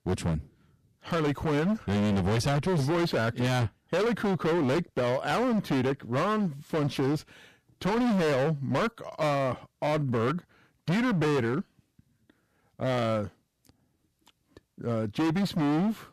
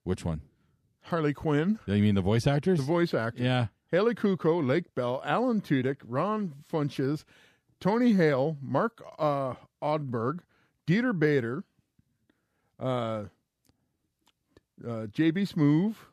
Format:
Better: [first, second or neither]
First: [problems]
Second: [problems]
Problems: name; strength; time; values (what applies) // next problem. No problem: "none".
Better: second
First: distortion; heavy; 24% of the sound clipped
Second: none